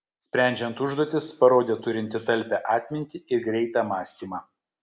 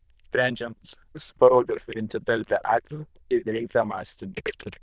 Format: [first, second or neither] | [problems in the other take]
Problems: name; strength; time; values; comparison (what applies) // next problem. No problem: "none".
first | noise reduction (neural diffusion model UNIVERSE++)